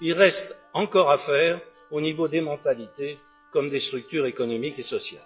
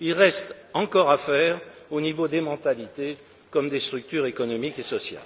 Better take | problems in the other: second | noise reduction (classical method log-MMSE)

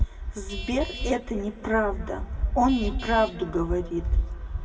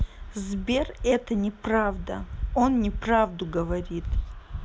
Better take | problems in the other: second | background sound (Traffic noise, roadway noise / Vehicle horn, car horn, honking); 19 dB below the speech // room echo; dies away in 2.5 s

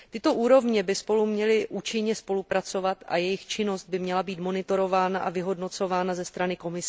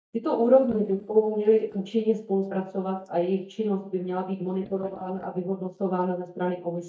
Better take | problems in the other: first | noise reduction (neural mask model DeepFilterNet 3)

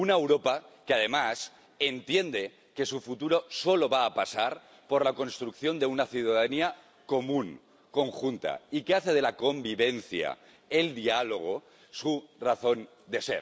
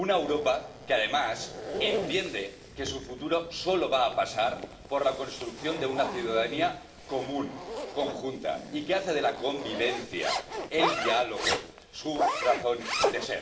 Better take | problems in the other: first | background sound (Zipper (clothing)); 5 dB below the speech // room echo; dies away in 0.9 s

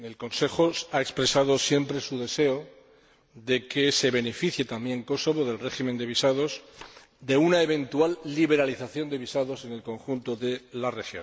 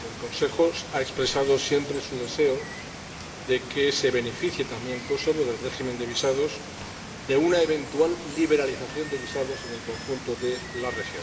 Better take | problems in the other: first | background sound (Water); 11 dB below the speech // room echo; dies away in 1.2 s

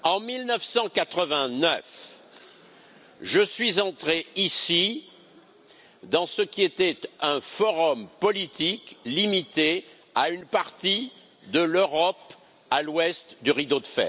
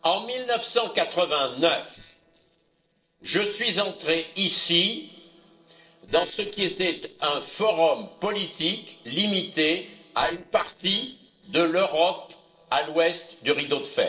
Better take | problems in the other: first | noise reduction (neural separator model SepFormer DNS4)

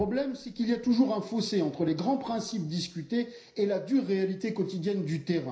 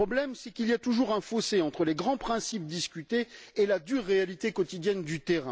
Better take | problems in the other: second | room echo; dies away in 0.5 s

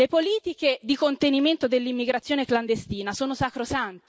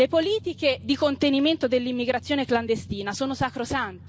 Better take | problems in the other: first | background sound (Drum); 20 dB below the speech

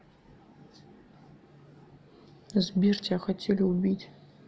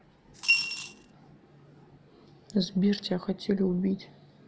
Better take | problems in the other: first | background sound (Coin (dropping) / Glass); 2 dB above the speech

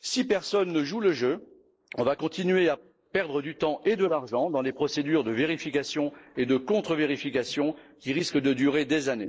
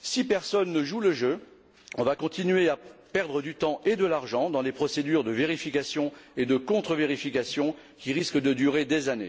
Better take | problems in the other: second | noise reduction (neural mask model Resemble Enhance denoiser)

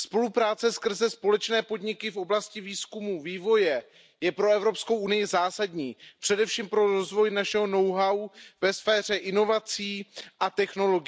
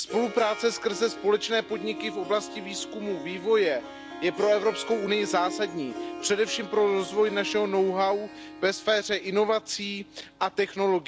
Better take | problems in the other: first | background sound (Harp); 12 dB below the speech

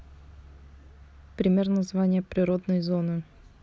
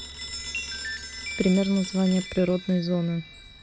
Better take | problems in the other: first | background sound (Chime + Telephone); 11 dB below the speech

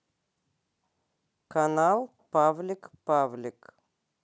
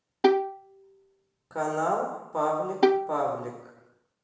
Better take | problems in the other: first | background sound (Bowed string instrument); 4 dB above the speech // room echo; dies away in 0.9 s

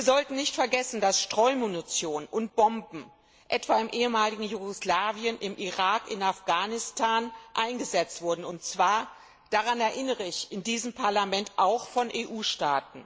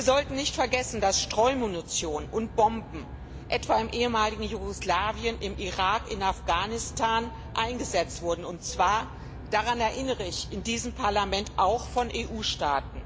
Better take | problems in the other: first | background sound (Aircraft); 11 dB below the speech

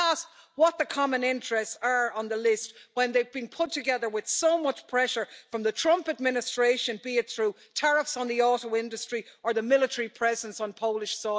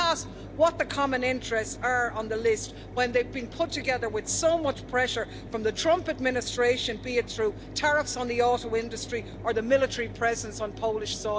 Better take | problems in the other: first | background sound (Mechanisms); 13 dB below the speech

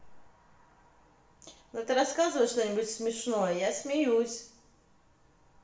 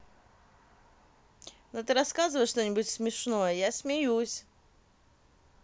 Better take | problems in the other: second | room echo; dies away in 0.6 s

